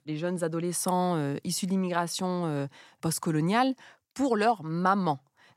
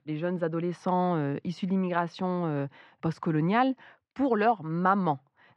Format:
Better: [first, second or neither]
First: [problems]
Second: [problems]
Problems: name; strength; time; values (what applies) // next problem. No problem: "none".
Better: first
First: none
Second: muffled; very; fading above 3 kHz